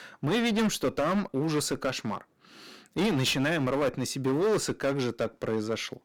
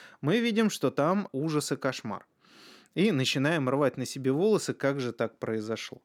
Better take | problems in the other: second | distortion; heavy; 13% of the sound clipped

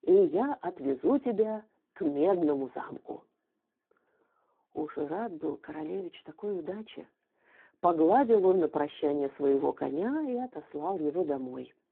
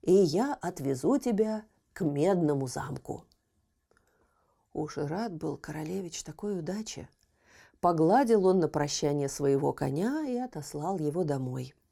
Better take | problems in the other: second | phone-call audio; poor line

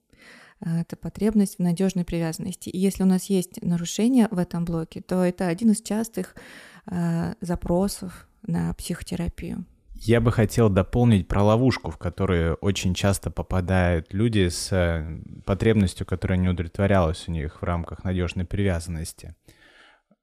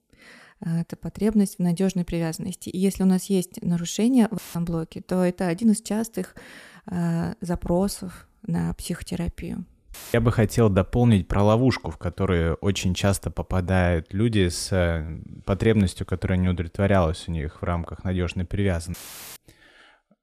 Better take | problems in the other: first | audio cutting out; filled with static; at 4.5 s, at 10 s and at 19 s

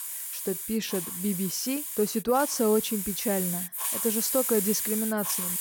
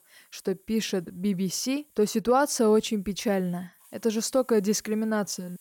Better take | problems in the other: second | hiss; loud; throughout; 1 dB below the speech; faint in the second

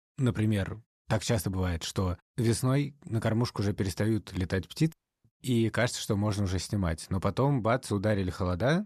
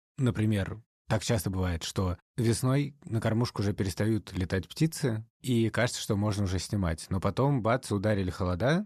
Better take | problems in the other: second | audio cutting out; at 5 s

